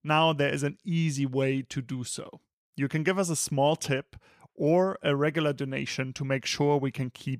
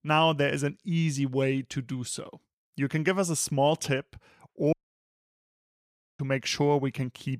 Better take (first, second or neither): first